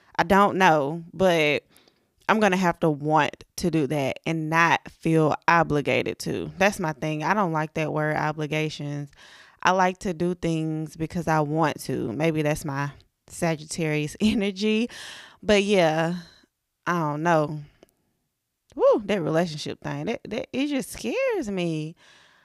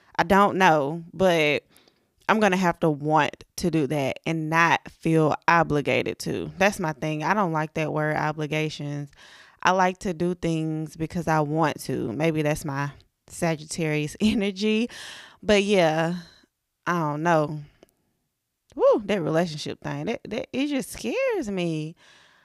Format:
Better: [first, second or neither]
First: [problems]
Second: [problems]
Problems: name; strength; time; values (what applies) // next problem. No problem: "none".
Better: neither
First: none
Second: none